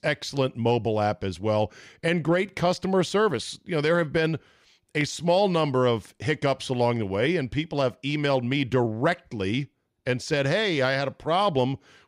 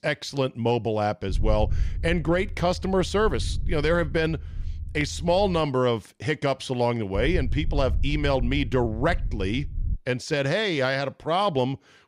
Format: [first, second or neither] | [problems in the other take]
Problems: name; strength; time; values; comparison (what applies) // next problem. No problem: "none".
first | low rumble; faint; from 1.5 to 5.5 s and from 7 to 10 s; 25 dB below the speech